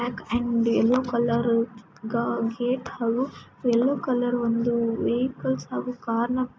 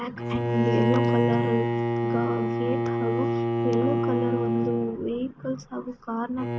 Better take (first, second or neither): first